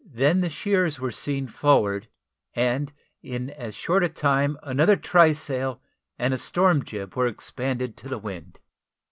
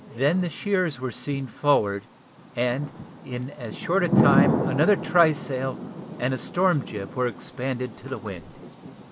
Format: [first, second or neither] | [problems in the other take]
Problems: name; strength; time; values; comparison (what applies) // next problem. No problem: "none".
first | background sound (Thunder / Rain); 4 dB below the speech